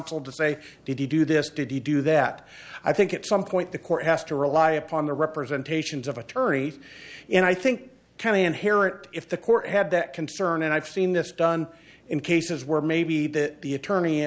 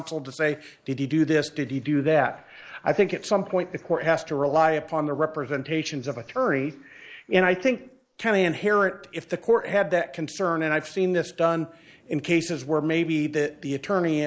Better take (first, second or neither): first